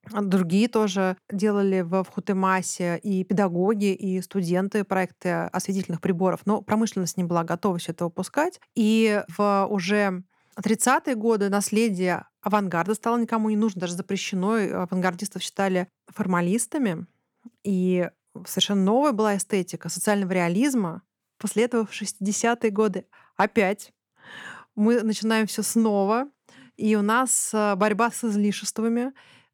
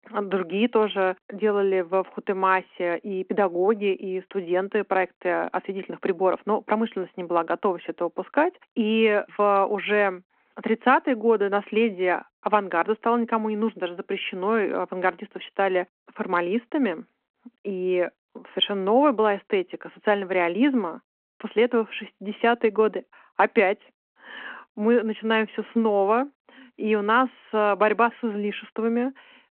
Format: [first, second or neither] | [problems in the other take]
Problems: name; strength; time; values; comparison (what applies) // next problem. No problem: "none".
first | phone-call audio